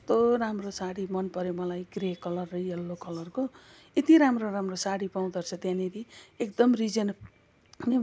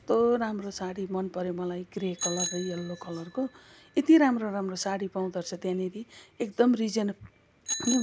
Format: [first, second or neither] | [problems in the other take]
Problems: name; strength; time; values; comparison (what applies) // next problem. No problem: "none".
first | background sound (Bicycle bell); 13 dB below the speech